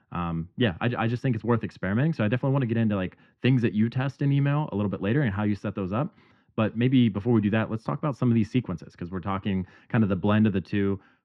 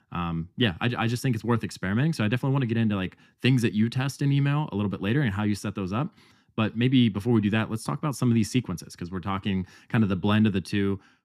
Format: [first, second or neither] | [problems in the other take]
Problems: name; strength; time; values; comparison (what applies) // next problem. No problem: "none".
second | muffled; very; fading above 2.5 kHz